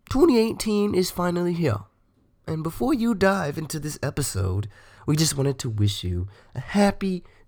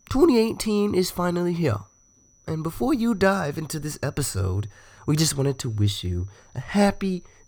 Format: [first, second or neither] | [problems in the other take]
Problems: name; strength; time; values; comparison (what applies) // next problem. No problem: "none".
first | high-pitched whine; faint; throughout; 6 kHz, 35 dB below the speech